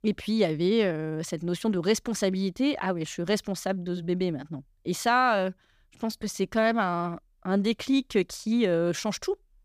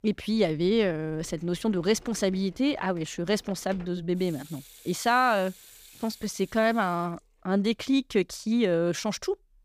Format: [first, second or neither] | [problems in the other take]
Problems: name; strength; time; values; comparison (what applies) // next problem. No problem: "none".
first | household noises; faint; throughout; 25 dB below the speech